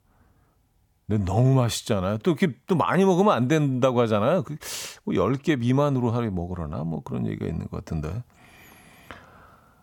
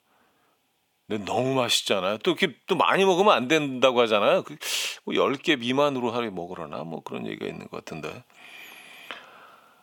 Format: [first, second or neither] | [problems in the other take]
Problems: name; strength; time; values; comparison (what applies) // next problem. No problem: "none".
first | thin; somewhat; fading below 350 Hz